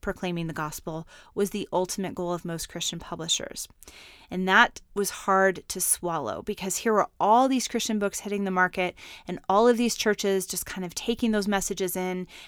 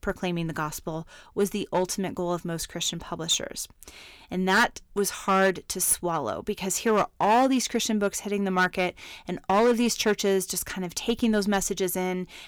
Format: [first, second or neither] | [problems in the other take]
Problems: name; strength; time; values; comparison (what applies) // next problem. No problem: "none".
first | distortion; slight; 3% of the sound clipped